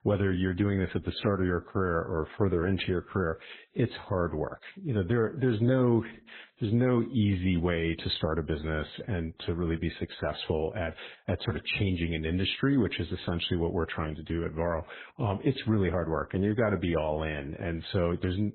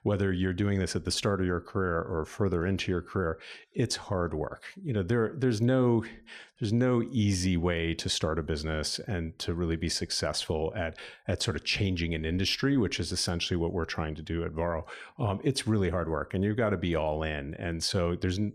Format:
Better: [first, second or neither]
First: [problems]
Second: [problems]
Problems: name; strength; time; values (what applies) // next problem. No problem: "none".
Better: second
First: garbled, watery; badly; nothing above 4 kHz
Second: none